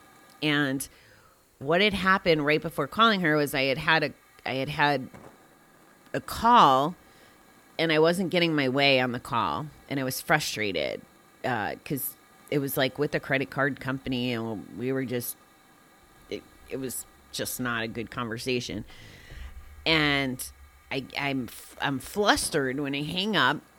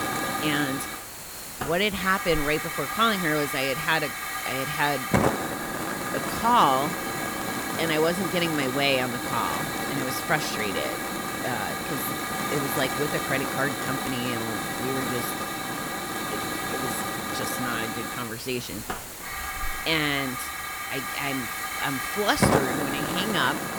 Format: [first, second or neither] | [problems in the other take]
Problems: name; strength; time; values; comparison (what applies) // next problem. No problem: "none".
first | hiss; loud; throughout; 1 dB below the speech; faint in the first